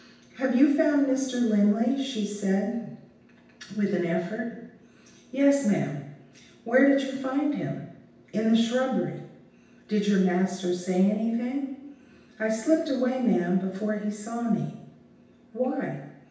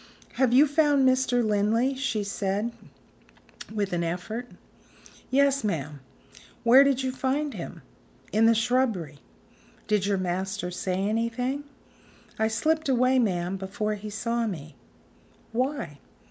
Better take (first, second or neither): second